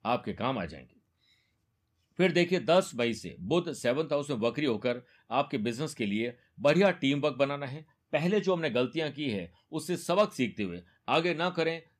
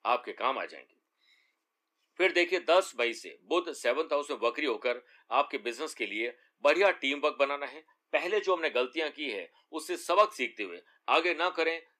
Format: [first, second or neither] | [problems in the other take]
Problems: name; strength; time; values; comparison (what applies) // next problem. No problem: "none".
first | thin; very; fading below 300 Hz